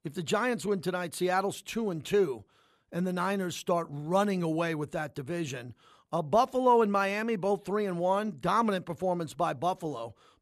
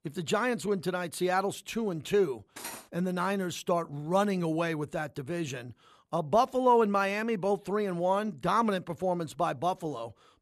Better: first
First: none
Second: clattering dishes; faint; at 2.5 s; peak 10 dB below the speech

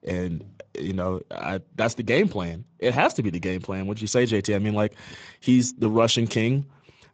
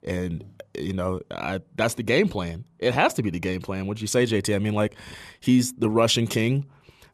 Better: second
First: garbled, watery; slightly; nothing above 7.5 kHz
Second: none

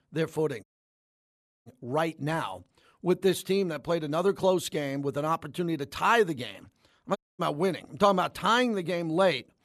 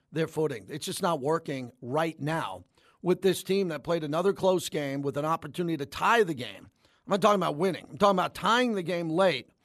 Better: second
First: audio cutting out; at 0.5 s for 1 s and at 7 s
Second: none

